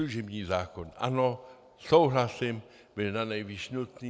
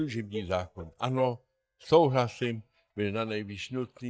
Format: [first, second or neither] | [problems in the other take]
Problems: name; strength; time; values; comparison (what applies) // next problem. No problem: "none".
first | noise reduction (neural mask model DeepFilterNet 3)